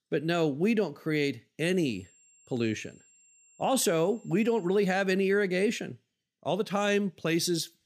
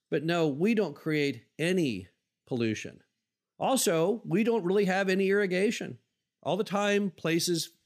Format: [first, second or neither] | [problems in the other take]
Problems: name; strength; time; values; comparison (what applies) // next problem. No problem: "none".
second | high-pitched whine; faint; from 2 to 4.5 s; 7.5 kHz, 30 dB below the speech